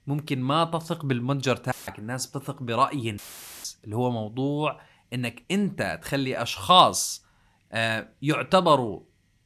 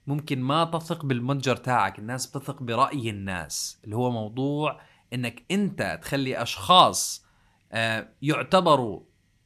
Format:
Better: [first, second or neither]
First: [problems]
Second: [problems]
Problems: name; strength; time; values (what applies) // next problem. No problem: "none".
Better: second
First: audio cutting out; filled with static; at 1.5 s and at 3 s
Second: none